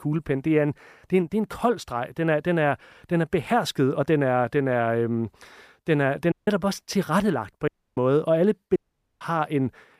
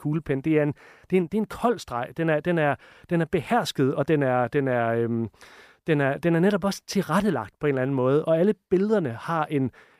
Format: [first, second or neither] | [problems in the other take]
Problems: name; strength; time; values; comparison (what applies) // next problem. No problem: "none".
second | audio cutting out; at 6.5 s, at 7.5 s and at 9 s